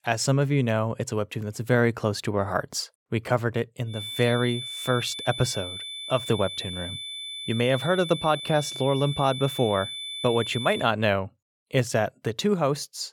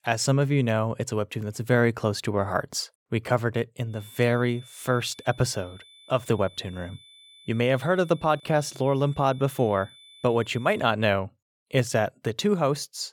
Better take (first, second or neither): second